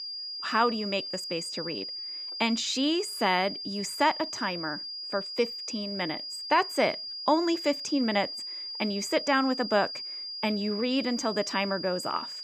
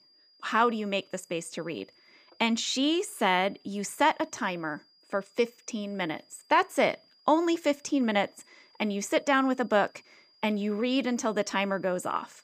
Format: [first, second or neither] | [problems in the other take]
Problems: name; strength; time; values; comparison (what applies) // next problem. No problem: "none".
second | high-pitched whine; loud; throughout; 5 kHz, 6 dB below the speech; faint in the second